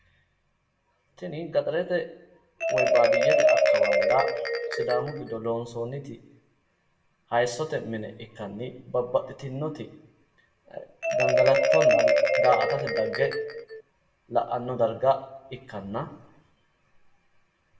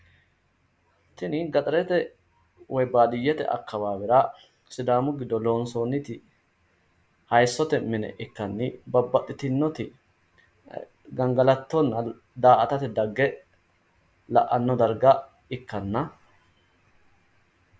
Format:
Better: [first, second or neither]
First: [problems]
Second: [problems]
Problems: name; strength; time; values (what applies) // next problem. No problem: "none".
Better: second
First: background sound (Marimba, xylophone); 2 dB above the speech // room echo; dies away in 0.6 s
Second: none